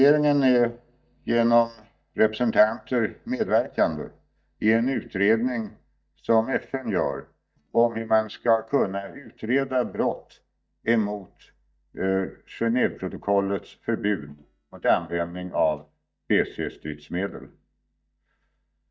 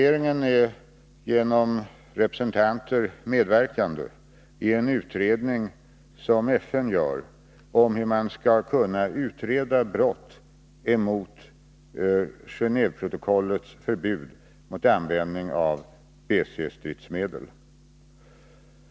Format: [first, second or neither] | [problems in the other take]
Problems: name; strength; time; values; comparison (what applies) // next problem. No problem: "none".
second | noise reduction (neural mask model DeepFilterNet 3)